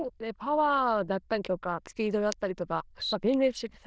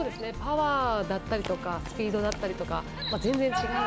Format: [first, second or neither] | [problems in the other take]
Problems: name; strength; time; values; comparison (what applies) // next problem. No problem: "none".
second | noise reduction (neural diffusion model UNIVERSE++)